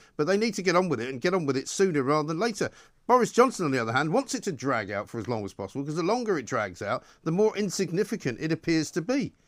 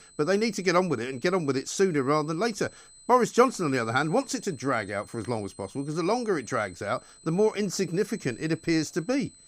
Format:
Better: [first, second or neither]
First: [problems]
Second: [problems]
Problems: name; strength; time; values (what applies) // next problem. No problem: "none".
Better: first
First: none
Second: high-pitched whine; faint; throughout; 8 kHz, 25 dB below the speech